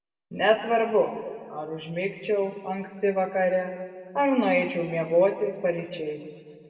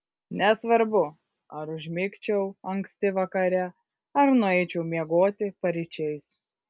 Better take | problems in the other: second | room echo; dies away in 1.9 s

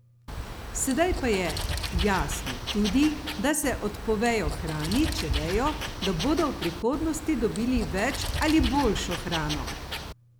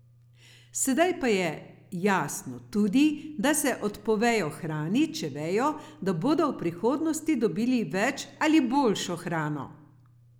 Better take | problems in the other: second | background sound (Wild animals); 4 dB below the speech

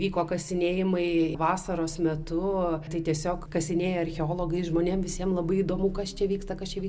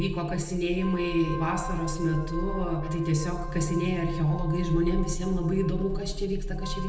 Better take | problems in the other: first | background sound (Wind instrument, woodwind instrument); 15 dB below the speech // room echo; dies away in 0.8 s

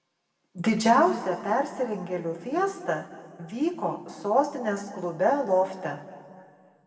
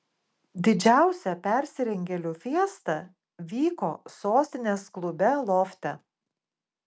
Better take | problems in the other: second | room echo; dies away in 1.9 s

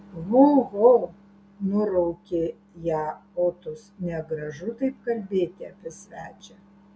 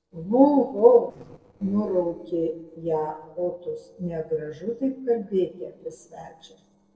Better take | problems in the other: first | noise reduction (neural separator model SepFormer DNS4)

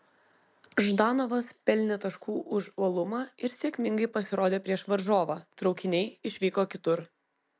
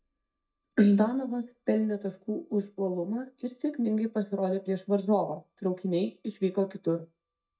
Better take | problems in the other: first | noise reduction (neural mask model DeepFilterNet 3)

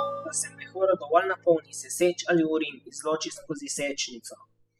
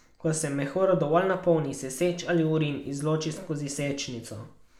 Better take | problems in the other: second | noise reduction (classical method spectral subtraction)

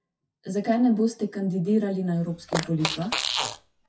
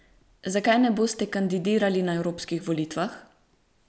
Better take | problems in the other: second | noise reduction (classical method WPE with log-MMSE)

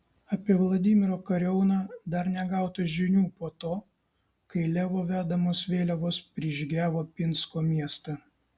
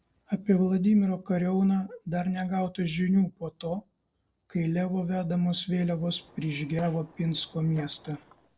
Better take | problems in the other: first | noise reduction (neural separator model SepFormer DNS4)

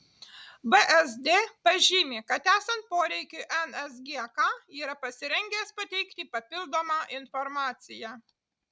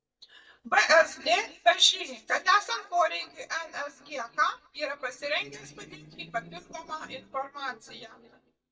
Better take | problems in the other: first | noise reduction (neural mask model DeepFilterNet 3)

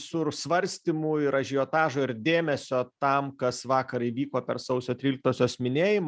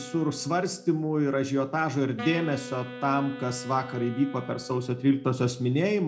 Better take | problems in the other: first | background sound (Wind instrument, woodwind instrument); 16 dB below the speech // room echo; dies away in 0.3 s

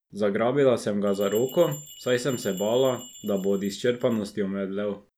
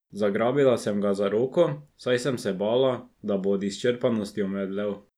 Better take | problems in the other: second | background sound (Bell); 19 dB below the speech

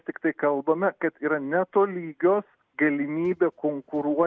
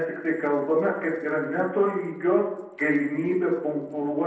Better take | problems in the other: first | noise reduction (neural separator model SepFormer DNS4)

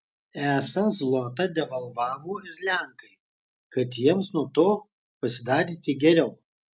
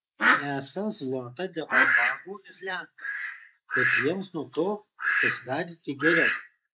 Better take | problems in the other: first | noise reduction (neural mask model Resemble Enhance denoiser)

